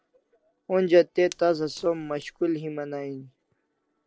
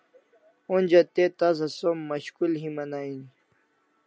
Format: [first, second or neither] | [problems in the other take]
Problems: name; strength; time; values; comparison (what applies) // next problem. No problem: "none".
second | noise reduction (neural separator model SepFormer DNS4)